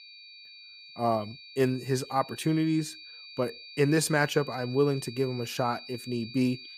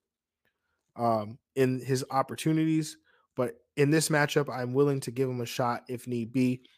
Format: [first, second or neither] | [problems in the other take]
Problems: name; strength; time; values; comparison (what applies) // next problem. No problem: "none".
second | high-pitched whine; noticeable; throughout; 4.5 kHz, 15 dB below the speech